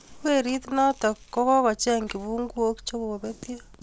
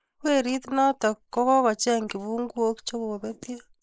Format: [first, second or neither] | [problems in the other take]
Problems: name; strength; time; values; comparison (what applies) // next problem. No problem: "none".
first | noise reduction (neural mask model Resemble Enhance denoiser)